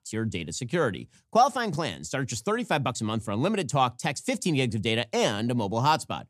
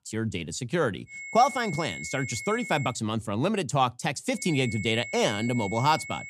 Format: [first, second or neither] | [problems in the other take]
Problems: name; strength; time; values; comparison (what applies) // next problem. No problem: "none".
first | high-pitched whine; loud; from 1 to 3 s and from 4.5 s on; 2 kHz, 10 dB below the speech